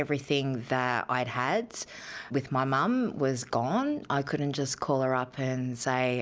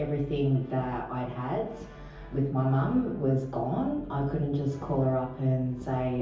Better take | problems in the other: first | background sound (Brass instrument); 17 dB below the speech // room echo; dies away in 0.7 s

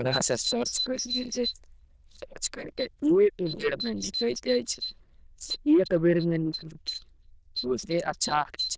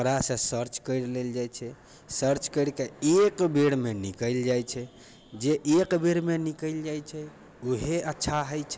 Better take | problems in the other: second | noise reduction (neural diffusion model UNIVERSE++)

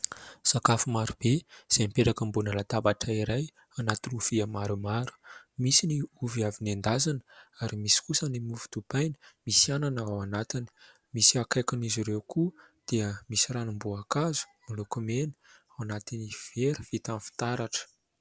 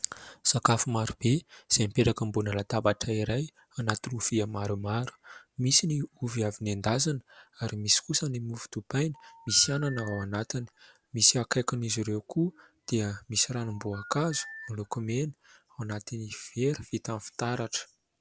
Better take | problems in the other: first | background sound (Telephone); 16 dB below the speech

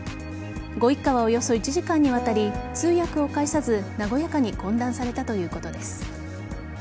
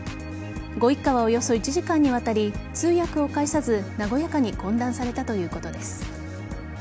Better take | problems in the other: second | background sound (Acoustic guitar); 14 dB below the speech

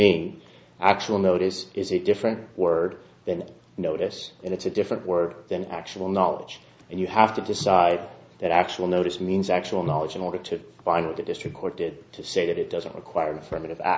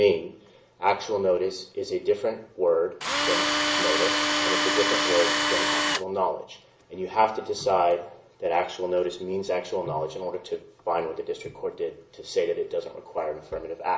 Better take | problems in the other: first | background sound (Tools); 3 dB above the speech // room echo; dies away in 0.4 s

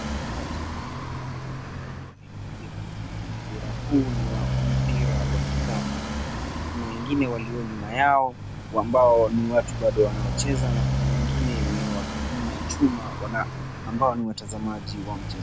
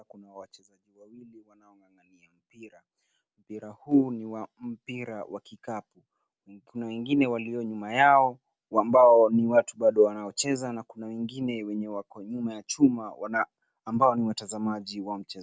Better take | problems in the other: second | background sound (Motorcycle); 1 dB below the speech

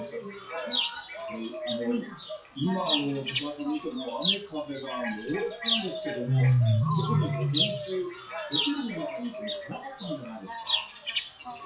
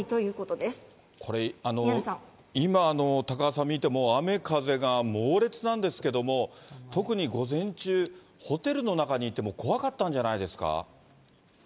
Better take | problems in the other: second | noise reduction (classical method WPE with log-MMSE)

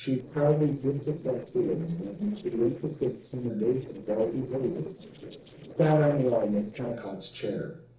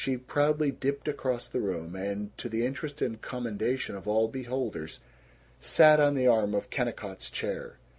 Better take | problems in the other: second | noise reduction (neural separator model SepFormer DNS4)

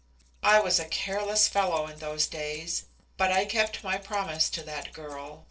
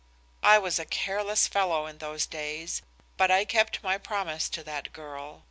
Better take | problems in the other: second | noise reduction (neural separator model SepFormer DNS4)

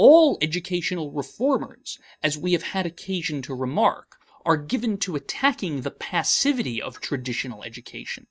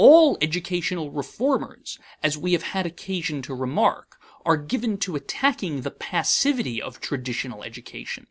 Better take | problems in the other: second | noise reduction (neural mask model DeepFilterNet 3)

